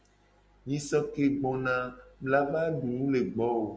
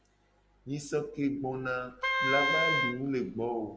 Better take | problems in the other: first | background sound (Wind instrument, woodwind instrument); 2 dB above the speech

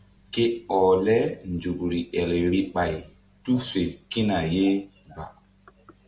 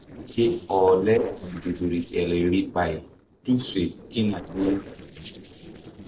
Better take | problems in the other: first | noise reduction (neural separator model SepFormer DNS4)

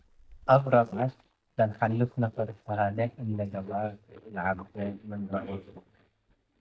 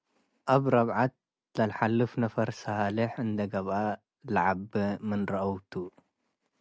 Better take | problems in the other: second | noise reduction (neural mask model DeepFilterNet 3)

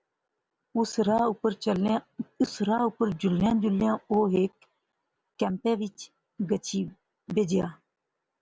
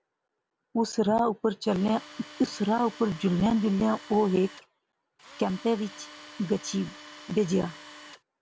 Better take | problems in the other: first | background sound (Tools); 18 dB below the speech

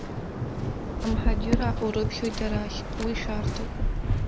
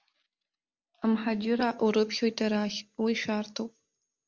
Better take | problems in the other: second | background sound (Waves, surf); 5 dB above the speech

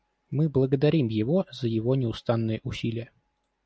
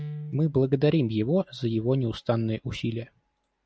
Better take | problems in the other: first | background sound (Guitar); 17 dB below the speech

